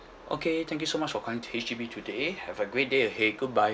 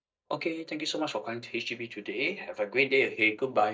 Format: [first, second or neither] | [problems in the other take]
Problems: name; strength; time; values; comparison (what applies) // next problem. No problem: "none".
first | noise reduction (neural mask model DeepFilterNet 3)